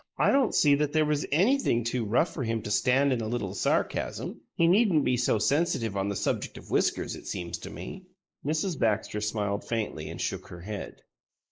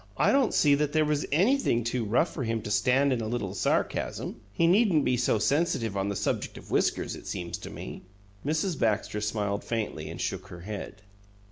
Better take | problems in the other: second | noise reduction (neural mask model Resemble Enhance denoiser)

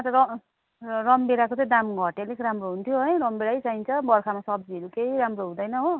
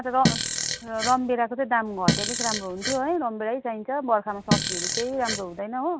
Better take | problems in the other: first | background sound (Fart); 1 dB below the speech

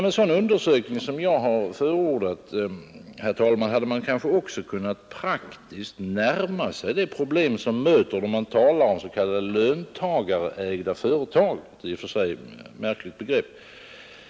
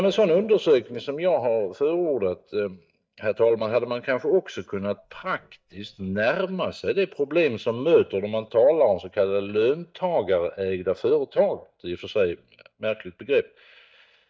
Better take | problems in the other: first | noise reduction (neural mask model DeepFilterNet 3)

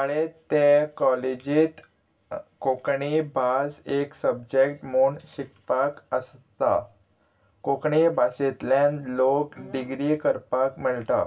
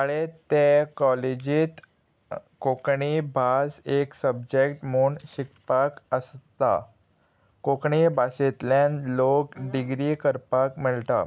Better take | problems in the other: second | room echo; dies away in 0.2 s

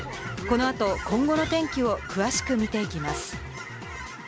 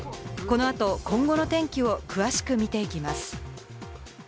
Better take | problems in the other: second | background sound (Chirp, tweet / Fowl); 12 dB below the speech

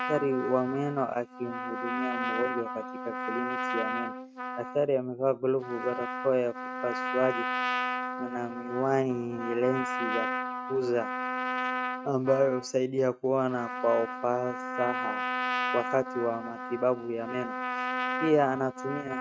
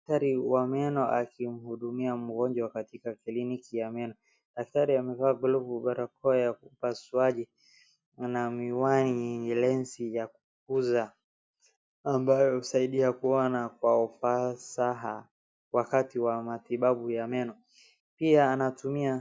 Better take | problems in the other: second | noise reduction (neural mask model RNNoise)

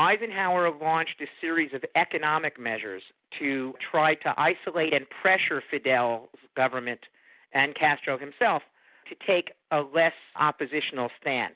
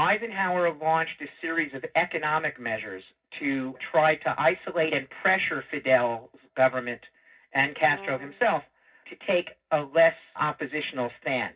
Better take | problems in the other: first | noise reduction (neural separator model SepFormer DNS4)

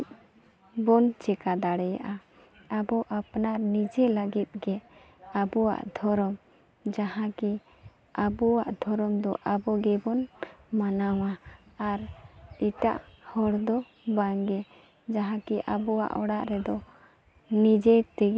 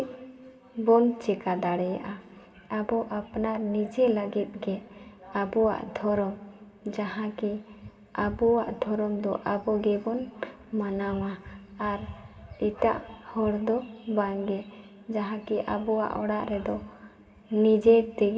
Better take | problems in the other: first | room echo; dies away in 1.7 s

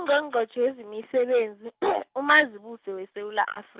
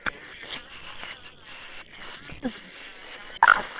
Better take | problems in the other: first | noise reduction (neural separator model SepFormer WHAM!)

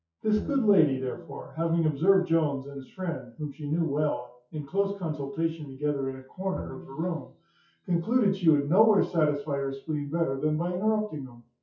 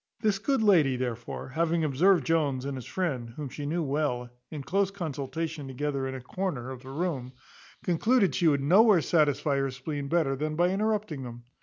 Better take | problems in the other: second | noise reduction (classical method WPE with log-MMSE)

